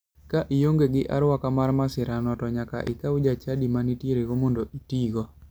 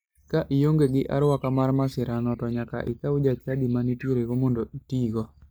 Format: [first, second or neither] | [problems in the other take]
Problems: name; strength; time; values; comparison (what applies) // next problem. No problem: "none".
first | noise reduction (neural mask model DeepFilterNet 3)